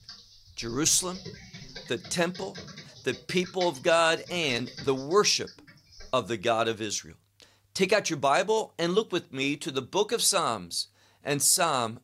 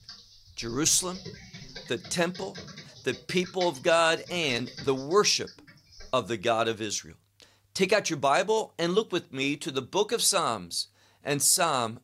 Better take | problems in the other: neither | keyboard typing; faint; until 6 s; peak 10 dB below the speech; the same in both

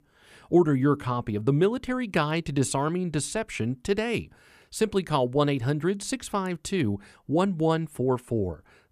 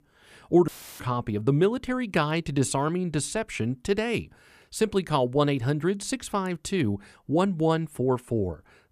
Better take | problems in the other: first | audio cutting out; filled with static; at 0.5 s

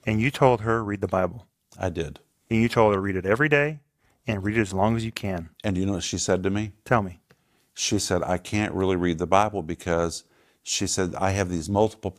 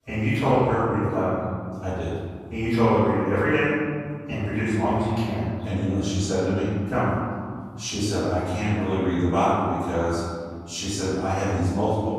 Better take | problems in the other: first | off-mic speech; far // room echo; strong; dies away in 2.2 s

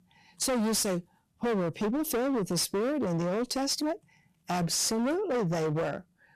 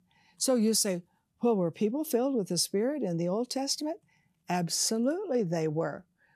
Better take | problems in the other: second | distortion; heavy; 25% of the sound clipped

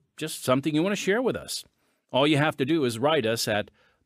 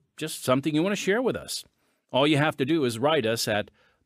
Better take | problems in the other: neither | none

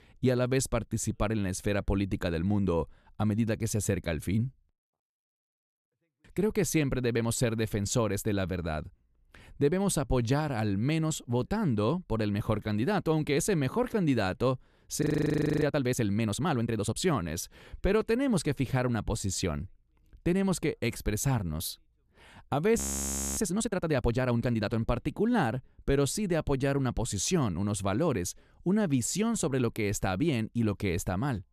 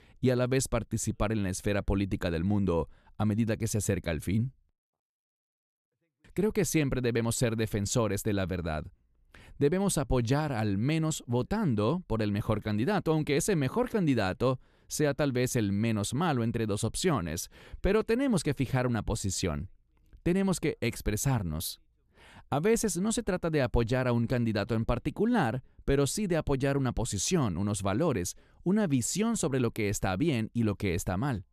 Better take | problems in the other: second | audio freezing; at 15 s for 0.5 s and at 23 s for 0.5 s

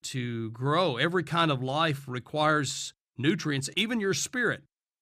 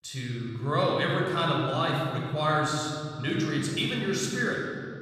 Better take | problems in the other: first | off-mic speech; somewhat distant // room echo; noticeable; dies away in 2.3 s

